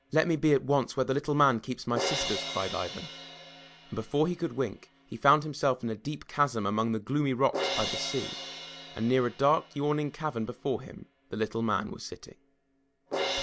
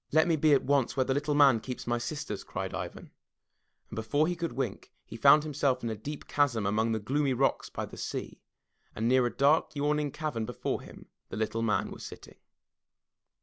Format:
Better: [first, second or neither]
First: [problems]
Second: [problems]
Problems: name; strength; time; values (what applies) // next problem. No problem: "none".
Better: second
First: background sound (Crash cymbal); 10 dB below the speech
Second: none